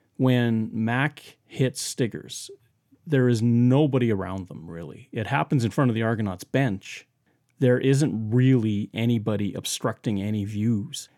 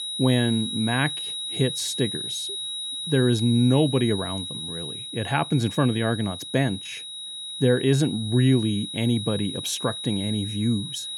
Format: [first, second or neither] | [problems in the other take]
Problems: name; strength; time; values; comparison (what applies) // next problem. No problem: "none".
first | high-pitched whine; loud; throughout; 4 kHz, 7 dB below the speech